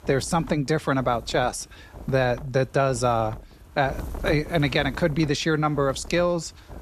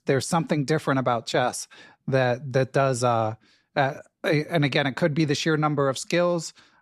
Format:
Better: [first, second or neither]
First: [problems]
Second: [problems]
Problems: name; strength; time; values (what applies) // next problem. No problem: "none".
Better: second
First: wind noise on the microphone; occasional gusts; 20 dB below the speech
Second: none